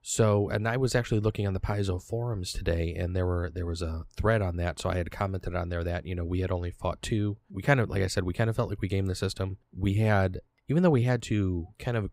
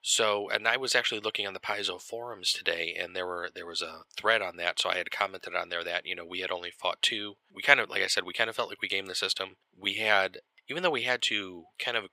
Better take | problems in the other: first | thin; very; fading below 600 Hz

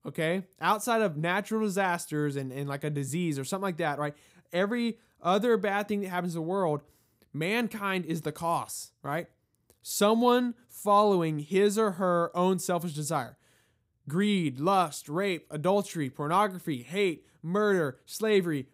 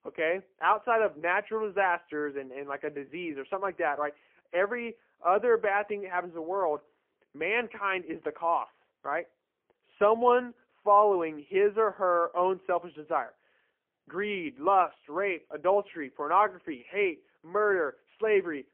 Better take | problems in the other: first | phone-call audio; poor line

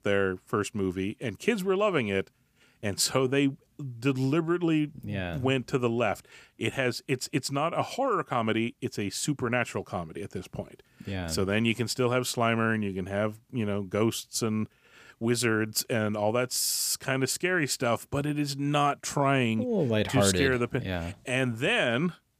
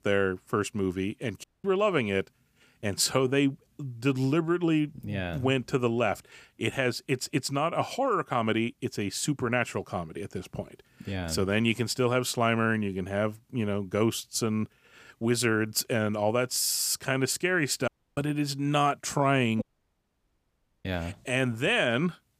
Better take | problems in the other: first | audio cutting out; at 1.5 s, at 18 s and at 20 s for 1 s

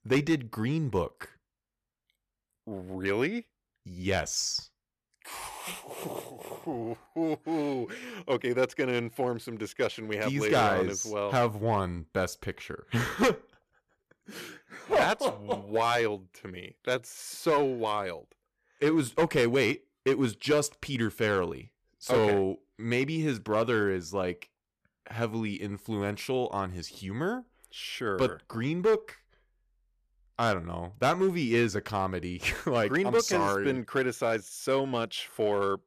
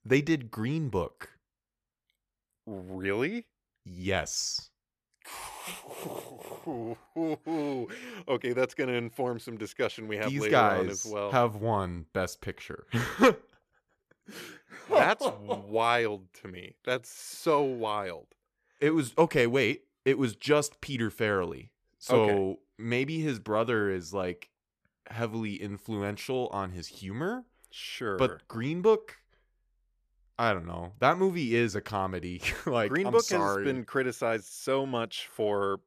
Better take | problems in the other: second | distortion; slight; 2% of the sound clipped

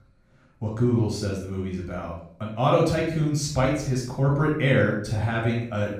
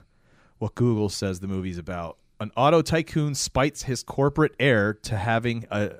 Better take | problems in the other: second | off-mic speech; far // room echo; noticeable; dies away in 0.5 s

